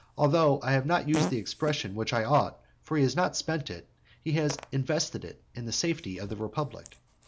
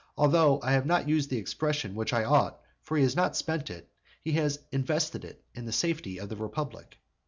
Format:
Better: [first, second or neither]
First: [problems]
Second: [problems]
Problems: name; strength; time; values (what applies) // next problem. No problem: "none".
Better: second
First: background sound (Fart); 13 dB below the speech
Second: none